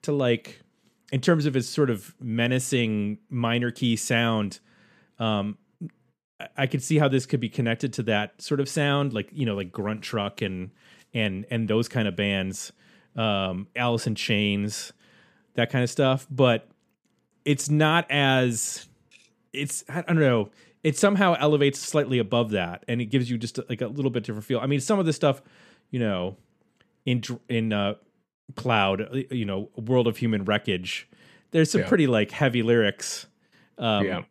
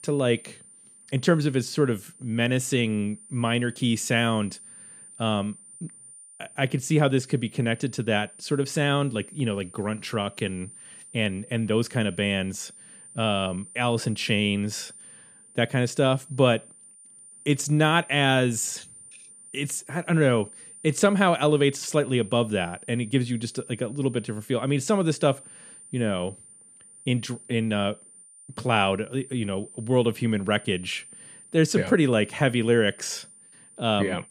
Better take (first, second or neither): first